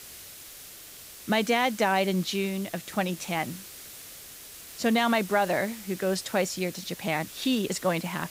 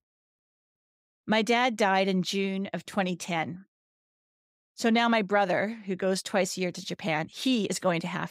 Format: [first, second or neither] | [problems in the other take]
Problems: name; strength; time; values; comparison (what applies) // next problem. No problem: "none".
second | hiss; noticeable; throughout; 15 dB below the speech